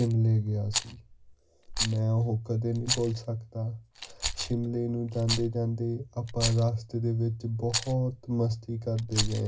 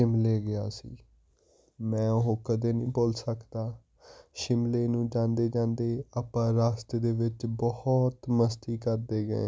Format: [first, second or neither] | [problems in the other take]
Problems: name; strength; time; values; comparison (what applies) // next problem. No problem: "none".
second | background sound (Rattle); 8 dB below the speech // room echo; dies away in 0.4 s